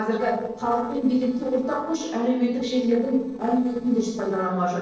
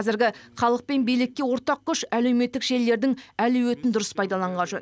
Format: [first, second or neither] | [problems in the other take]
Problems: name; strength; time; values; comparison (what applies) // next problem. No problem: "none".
second | noise reduction (neural separator model SepFormer DNS4)